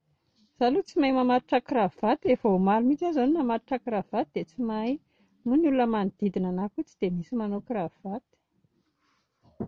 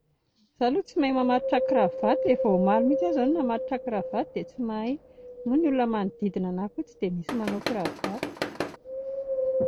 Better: first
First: none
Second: background sound (Wind + Tools); 4 dB below the speech

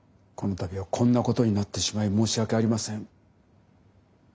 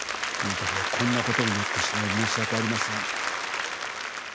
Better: first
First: none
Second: background sound (Applause); 3 dB above the speech

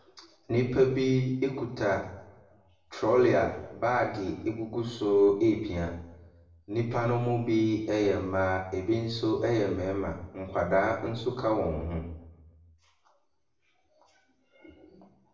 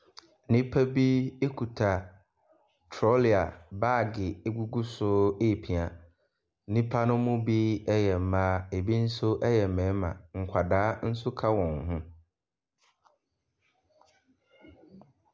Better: second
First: room echo; dies away in 0.7 s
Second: none

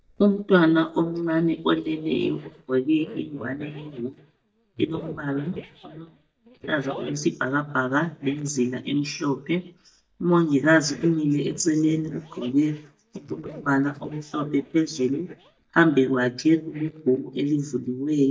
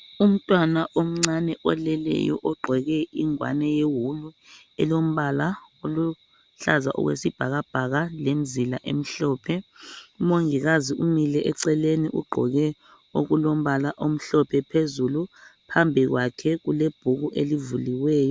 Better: second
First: noise reduction (neural mask model DeepFilterNet 3)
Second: none

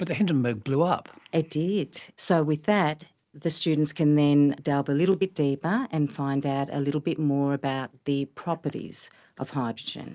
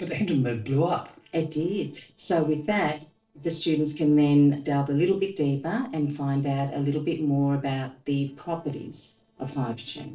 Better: first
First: none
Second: noise reduction (neural separator model SepFormer DNS4)

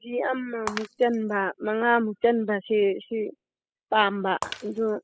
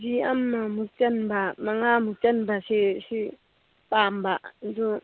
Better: second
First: noise reduction (classical method spectral subtraction)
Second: none

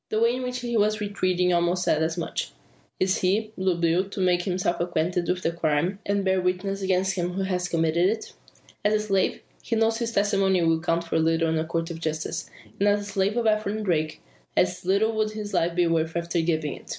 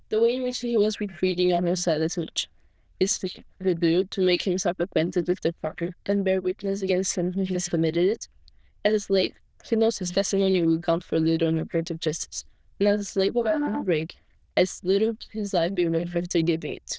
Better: first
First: none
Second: noise reduction (neural diffusion model UNIVERSE++)

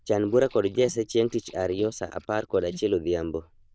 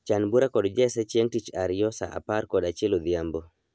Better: second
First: noise reduction (neural diffusion model UNIVERSE++)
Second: none

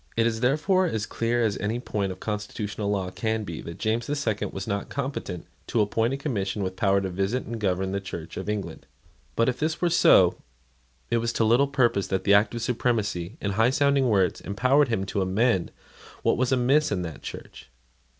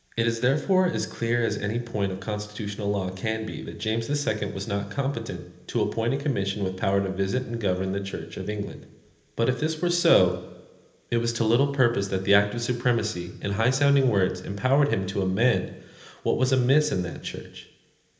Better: first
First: none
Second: room echo; dies away in 0.8 s

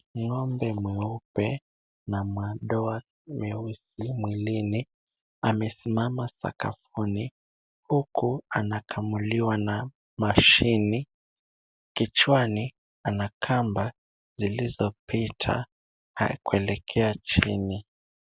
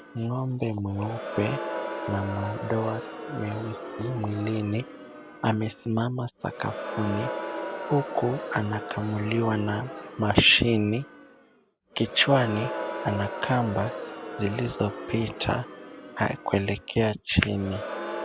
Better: first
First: none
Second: background sound (Crowd); 9 dB below the speech

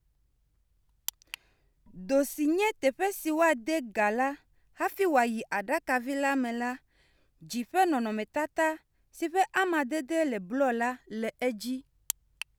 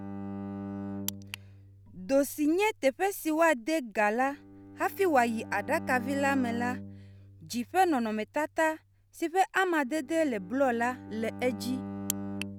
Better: first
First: none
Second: background sound (Bowed string instrument); 12 dB below the speech

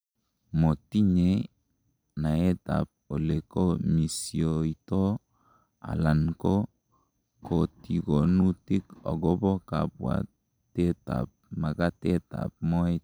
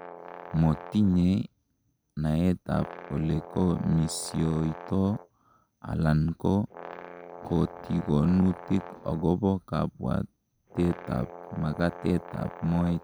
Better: first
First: none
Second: background sound (Brass instrument); 17 dB below the speech

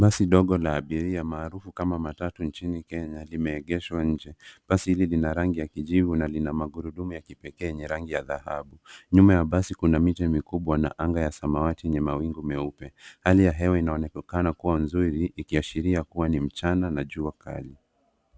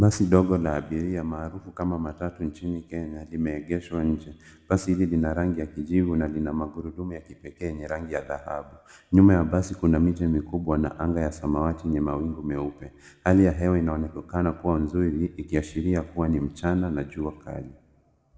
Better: first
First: none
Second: room echo; dies away in 1 s

